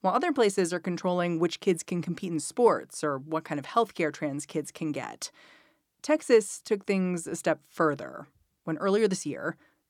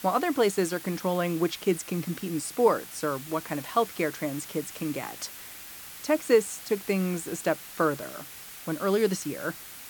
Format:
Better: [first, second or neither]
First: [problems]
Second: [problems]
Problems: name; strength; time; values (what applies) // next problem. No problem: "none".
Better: first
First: none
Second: hiss; noticeable; throughout; 10 dB below the speech